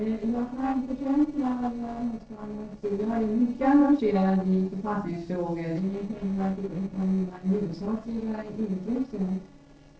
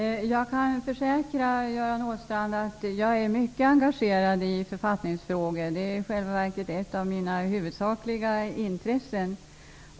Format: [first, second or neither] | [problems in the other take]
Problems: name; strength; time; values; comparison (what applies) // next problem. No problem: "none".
second | noise reduction (neural separator model SepFormer DNS4)